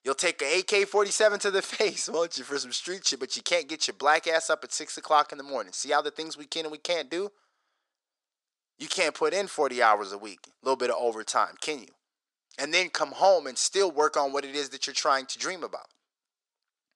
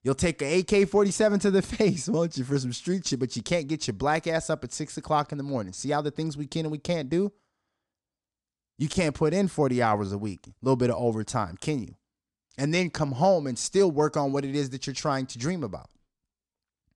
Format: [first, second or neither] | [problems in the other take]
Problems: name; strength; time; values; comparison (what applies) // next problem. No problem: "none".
second | thin; very; fading below 450 Hz